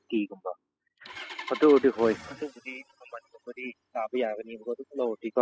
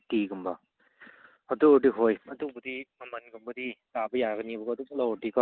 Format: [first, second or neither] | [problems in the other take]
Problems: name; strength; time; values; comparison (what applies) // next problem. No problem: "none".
second | noise reduction (classical method spectral subtraction)